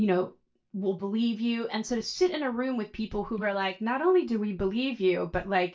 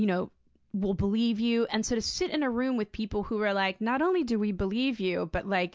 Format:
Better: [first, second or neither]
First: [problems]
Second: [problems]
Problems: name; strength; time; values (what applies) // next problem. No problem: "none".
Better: second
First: noise reduction (neural mask model DeepFilterNet 3)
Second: none